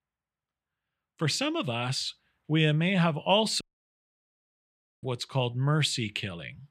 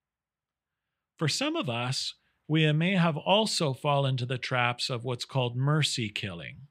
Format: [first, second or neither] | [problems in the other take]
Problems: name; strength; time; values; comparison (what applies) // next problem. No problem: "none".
second | audio cutting out; at 3.5 s for 1.5 s